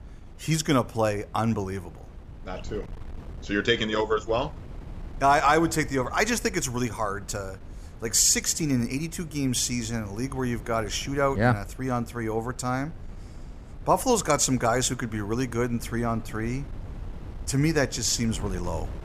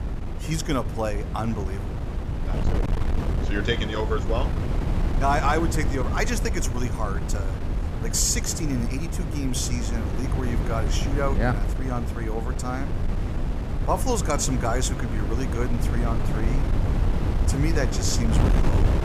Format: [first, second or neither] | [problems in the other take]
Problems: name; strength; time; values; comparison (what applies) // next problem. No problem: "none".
first | wind noise on the microphone; heavy; 7 dB below the speech; occasional gusts in the first